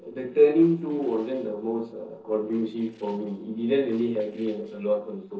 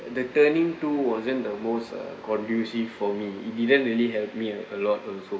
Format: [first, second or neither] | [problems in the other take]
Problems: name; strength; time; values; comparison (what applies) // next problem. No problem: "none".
second | noise reduction (neural separator model SepFormer DNS4)